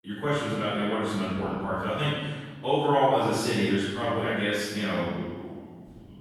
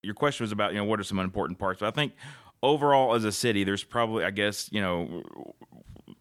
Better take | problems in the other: second | off-mic speech; far // room echo; strong; dies away in 1.3 s

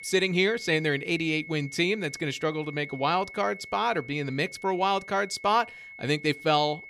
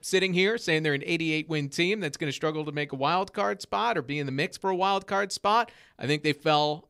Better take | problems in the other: second | high-pitched whine; noticeable; throughout; 2 kHz, 15 dB below the speech

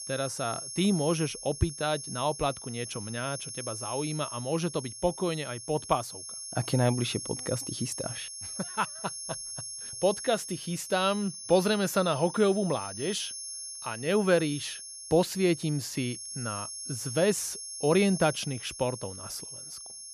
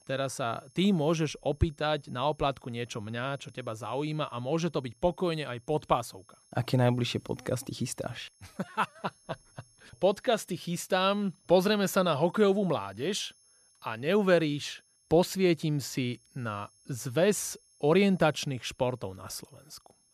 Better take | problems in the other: second | high-pitched whine; loud; throughout; 10.5 kHz, 8 dB below the speech; faint in the second

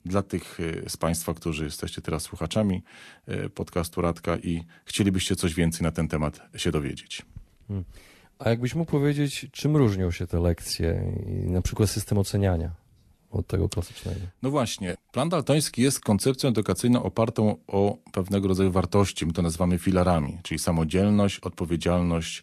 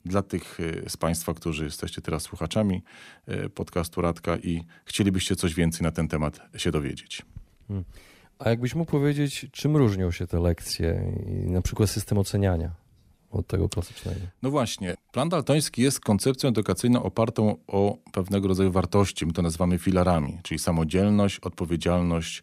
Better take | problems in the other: second | garbled, watery; slightly; nothing above 12.5 kHz

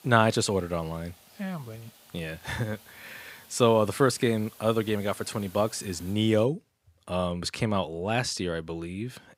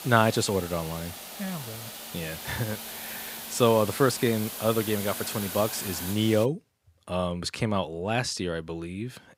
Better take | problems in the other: first | hiss; loud; until 6.5 s; 8 dB below the speech; faint in the first

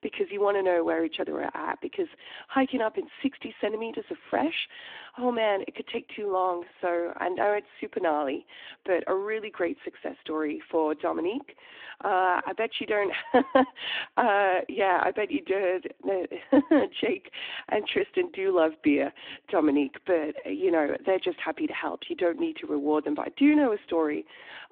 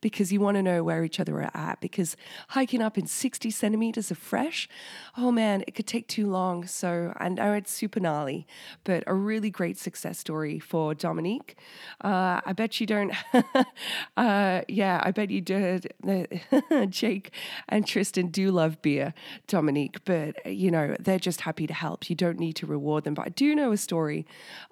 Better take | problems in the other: second | phone-call audio; nothing above 3.5 kHz

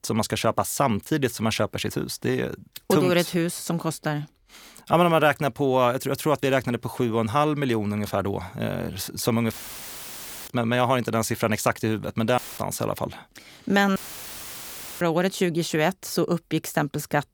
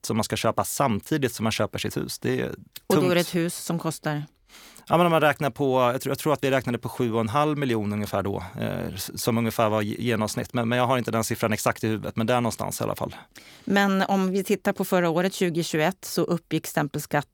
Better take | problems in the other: second | audio cutting out; filled with static; at 9.5 s for 1 s, at 12 s and at 14 s for 1 s

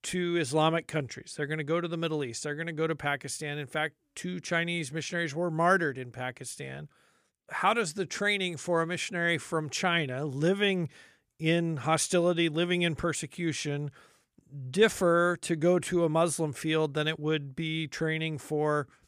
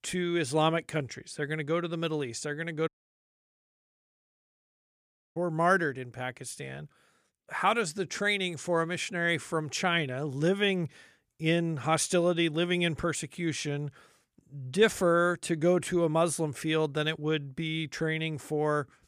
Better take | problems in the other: first | audio cutting out; at 3 s for 2.5 s

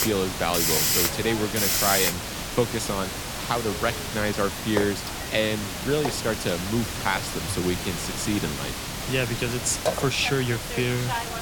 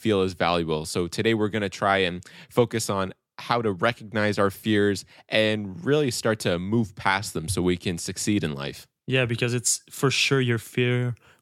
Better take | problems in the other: second | hiss; loud; throughout; as loud as the speech

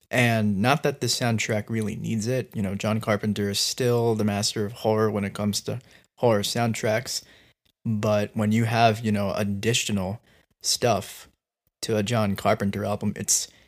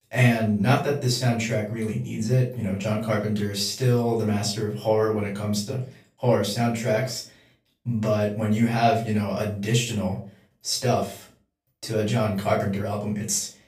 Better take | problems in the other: first | off-mic speech; far // room echo; slight; dies away in 0.3 s

